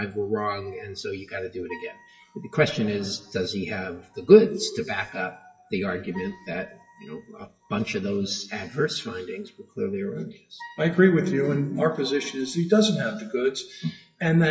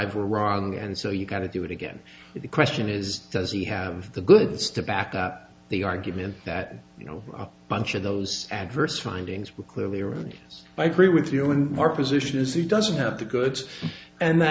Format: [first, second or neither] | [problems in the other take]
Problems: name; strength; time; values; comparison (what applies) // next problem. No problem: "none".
second | noise reduction (classical method WPE with log-MMSE)